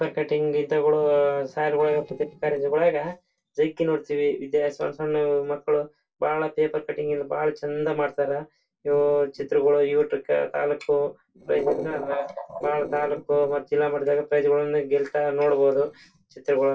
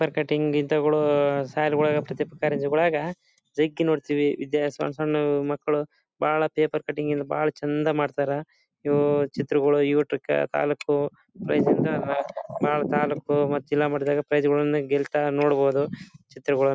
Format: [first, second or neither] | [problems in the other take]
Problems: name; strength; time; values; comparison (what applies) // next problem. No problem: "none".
second | noise reduction (neural separator model SepFormer DNS4)